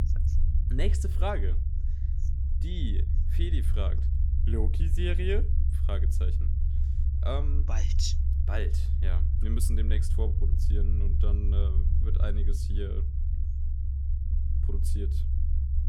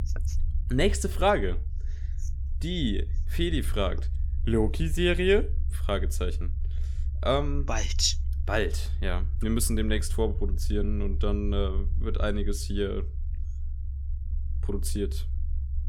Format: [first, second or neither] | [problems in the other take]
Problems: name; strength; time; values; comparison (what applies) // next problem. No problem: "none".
second | low rumble; loud; throughout; 7 dB below the speech; faint in the second